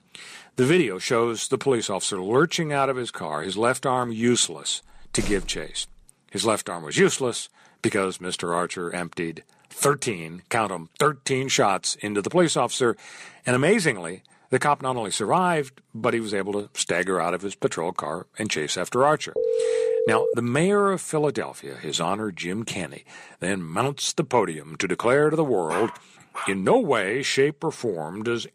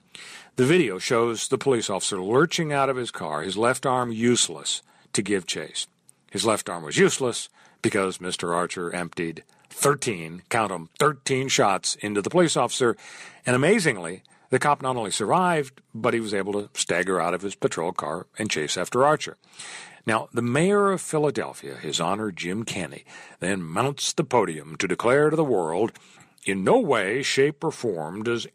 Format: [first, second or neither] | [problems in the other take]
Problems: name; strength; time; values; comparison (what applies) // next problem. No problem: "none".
second | door banging; faint; at 5 s; peak 10 dB below the speech // phone ringing; loud; at 19 s; peak 1 dB above the speech // dog barking; noticeable; at 26 s; peak 8 dB below the speech